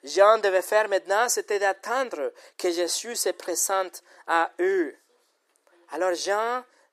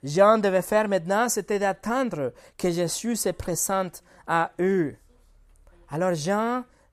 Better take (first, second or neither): second